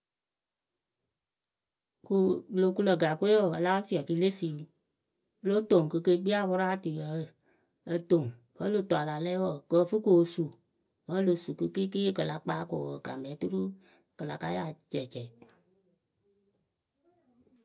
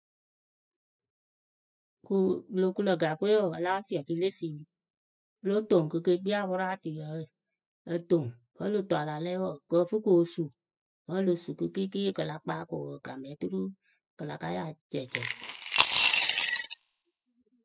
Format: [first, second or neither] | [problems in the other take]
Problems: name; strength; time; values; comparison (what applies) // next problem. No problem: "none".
first | noise reduction (classical method spectral subtraction)